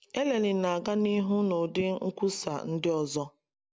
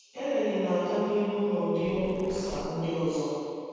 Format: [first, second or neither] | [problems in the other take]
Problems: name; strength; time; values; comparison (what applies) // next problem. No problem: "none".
first | background sound (Zipper (clothing)); 15 dB below the speech // room echo; dies away in 2.2 s